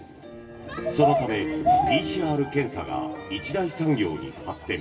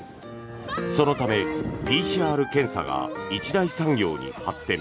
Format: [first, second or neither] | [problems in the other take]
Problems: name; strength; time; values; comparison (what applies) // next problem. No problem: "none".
second | background sound (Bird vocalization, bird call, bird song); 1 dB above the speech // room echo; dies away in 1.3 s